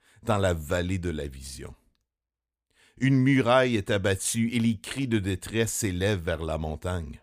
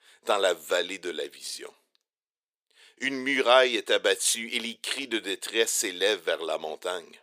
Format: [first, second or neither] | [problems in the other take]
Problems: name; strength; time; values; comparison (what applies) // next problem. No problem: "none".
first | thin; very; fading below 400 Hz